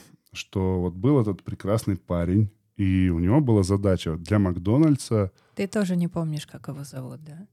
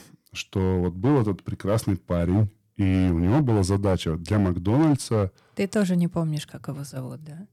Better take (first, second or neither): first